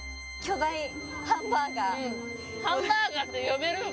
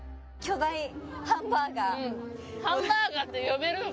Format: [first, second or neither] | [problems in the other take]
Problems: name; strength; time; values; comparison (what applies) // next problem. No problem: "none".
second | background sound (Organ); 12 dB below the speech